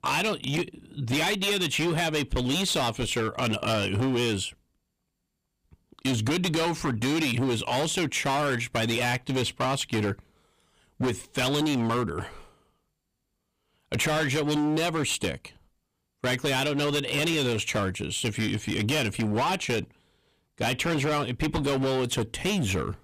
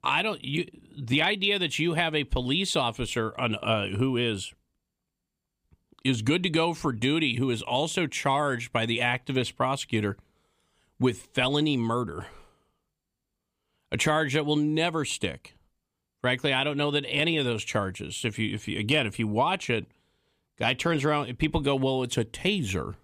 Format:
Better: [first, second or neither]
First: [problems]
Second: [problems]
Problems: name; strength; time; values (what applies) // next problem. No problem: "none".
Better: second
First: distortion; heavy; 19% of the sound clipped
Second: none